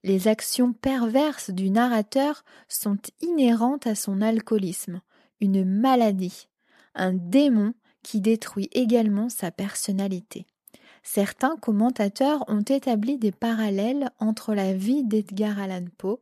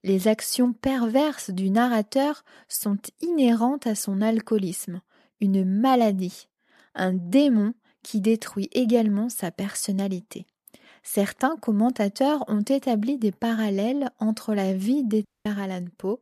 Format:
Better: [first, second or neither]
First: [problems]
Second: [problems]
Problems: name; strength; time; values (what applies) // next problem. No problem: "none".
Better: first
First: none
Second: audio cutting out; at 15 s